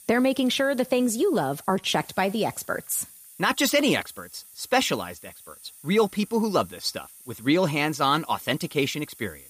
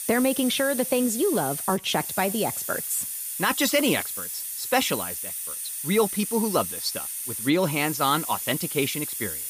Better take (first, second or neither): first